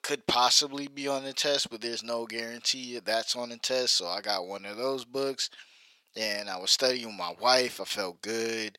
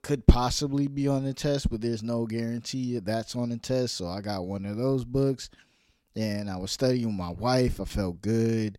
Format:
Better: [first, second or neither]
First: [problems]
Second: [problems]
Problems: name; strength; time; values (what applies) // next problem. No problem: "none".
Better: second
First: thin; very; fading below 650 Hz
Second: none